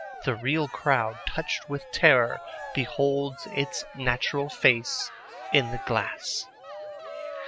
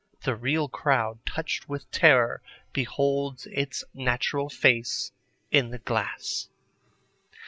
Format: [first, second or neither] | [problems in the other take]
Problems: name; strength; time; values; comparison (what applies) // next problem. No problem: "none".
second | background sound (Cheering); 13 dB below the speech